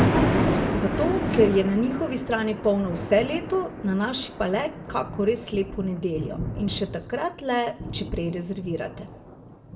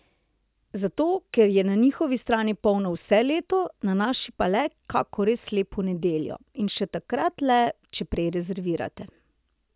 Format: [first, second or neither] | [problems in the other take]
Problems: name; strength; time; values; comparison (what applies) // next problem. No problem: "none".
second | background sound (Thunder); 2 dB below the speech // room echo; dies away in 0.4 s